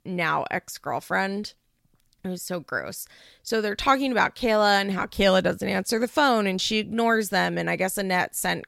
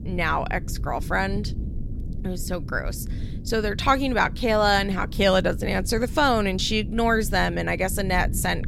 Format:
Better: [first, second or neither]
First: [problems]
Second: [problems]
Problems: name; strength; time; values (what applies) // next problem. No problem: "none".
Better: first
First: none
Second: low rumble; faint; throughout; 20 dB below the speech